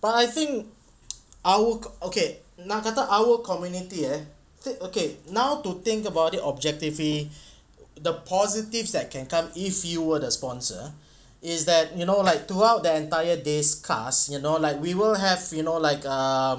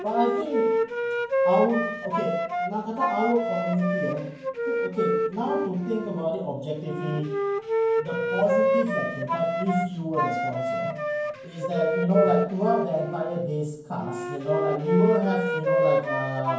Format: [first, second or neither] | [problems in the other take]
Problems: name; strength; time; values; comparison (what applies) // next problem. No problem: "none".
first | background sound (Wind instrument, woodwind instrument); 1 dB above the speech // room echo; dies away in 0.9 s